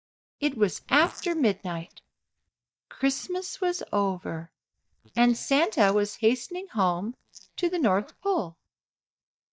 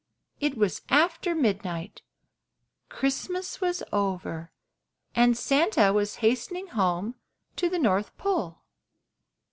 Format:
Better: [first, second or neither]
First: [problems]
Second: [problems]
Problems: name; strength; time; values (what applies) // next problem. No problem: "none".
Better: second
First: noise reduction (neural mask model DeepFilterNet 3)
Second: none